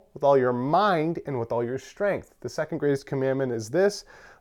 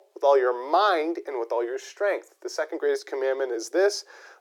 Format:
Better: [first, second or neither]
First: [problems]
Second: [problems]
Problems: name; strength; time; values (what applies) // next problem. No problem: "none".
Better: first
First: none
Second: thin; very; fading below 350 Hz